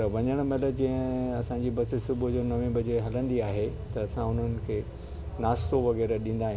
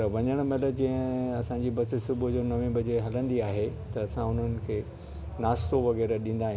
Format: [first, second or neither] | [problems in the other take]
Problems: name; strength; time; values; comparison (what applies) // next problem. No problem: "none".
second | background sound (Engine); 15 dB below the speech